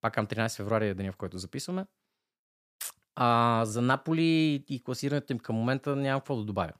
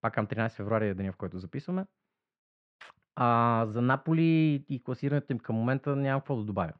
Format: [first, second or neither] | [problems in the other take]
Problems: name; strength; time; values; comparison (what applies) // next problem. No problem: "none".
first | muffled; very; fading above 2.5 kHz